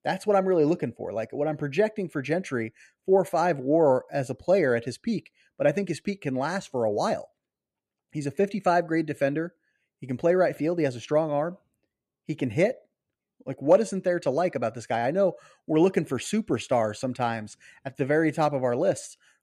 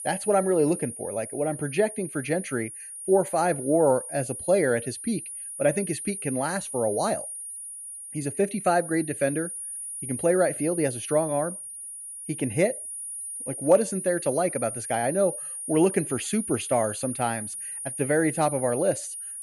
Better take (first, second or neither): first